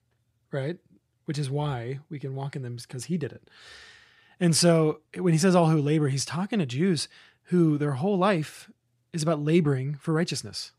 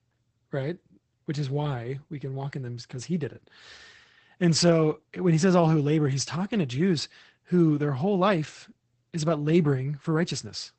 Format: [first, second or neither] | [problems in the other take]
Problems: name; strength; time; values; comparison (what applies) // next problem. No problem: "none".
first | garbled, watery; badly; nothing above 8 kHz